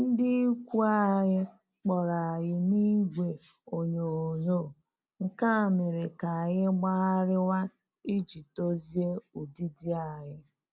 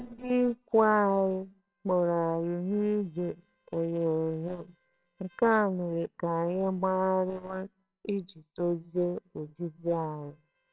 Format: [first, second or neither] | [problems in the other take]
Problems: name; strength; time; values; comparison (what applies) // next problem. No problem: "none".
first | noise reduction (neural separator model SepFormer WHAMR!)